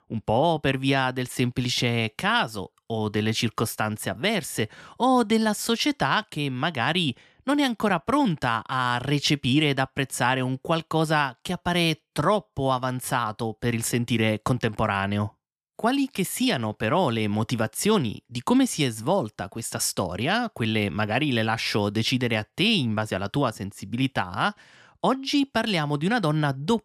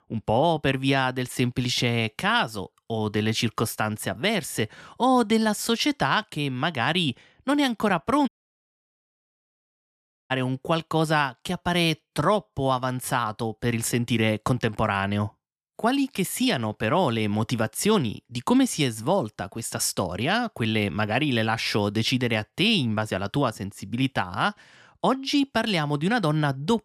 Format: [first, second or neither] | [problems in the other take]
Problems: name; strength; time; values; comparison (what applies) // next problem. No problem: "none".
first | audio cutting out; at 8.5 s for 2 s